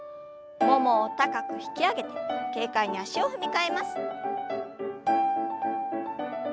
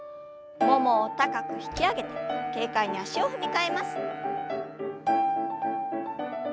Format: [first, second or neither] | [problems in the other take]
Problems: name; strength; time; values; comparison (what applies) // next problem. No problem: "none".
first | background sound (Slam + Wind instrument, woodwind instrument); 17 dB below the speech